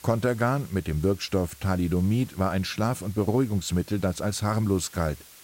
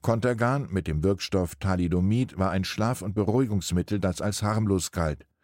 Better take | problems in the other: second | hiss; faint; throughout; 20 dB below the speech

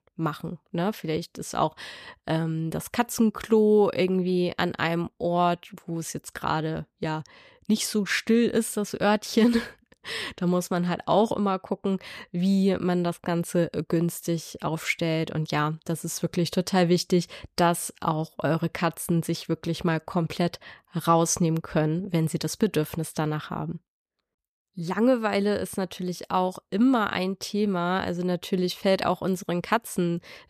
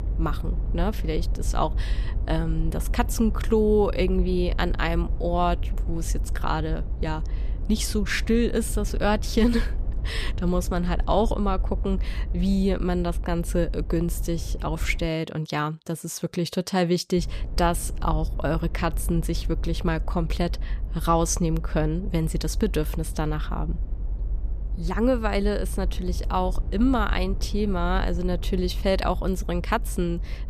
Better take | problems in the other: first | low rumble; noticeable; until 15 s and from 17 s on; 20 dB below the speech

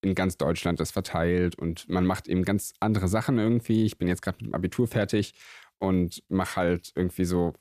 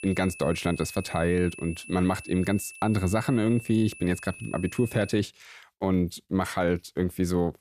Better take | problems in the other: first | high-pitched whine; noticeable; until 5 s; 2.5 kHz, 15 dB below the speech

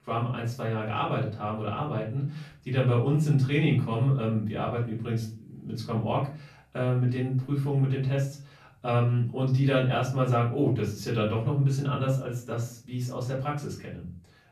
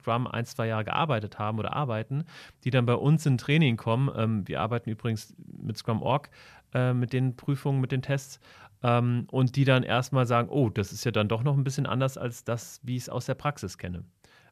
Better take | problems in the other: second | off-mic speech; far // room echo; slight; dies away in 0.4 s

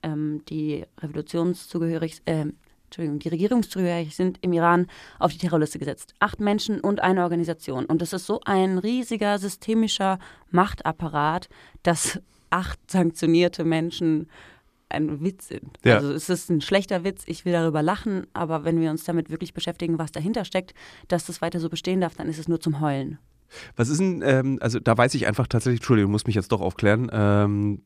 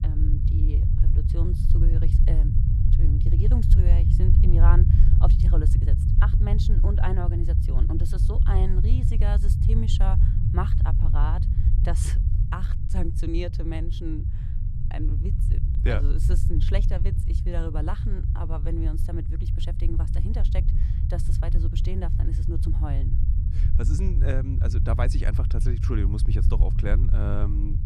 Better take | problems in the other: first | low rumble; loud; throughout; 3 dB below the speech

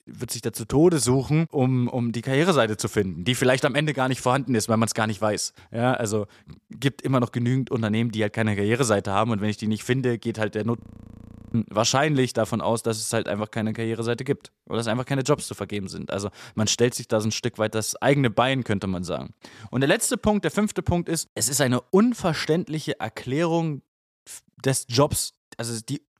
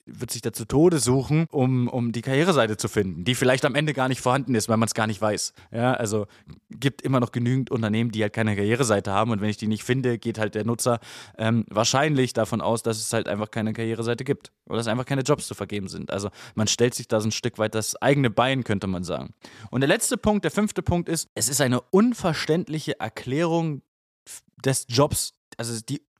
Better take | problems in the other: second | audio freezing; at 11 s for 1 s

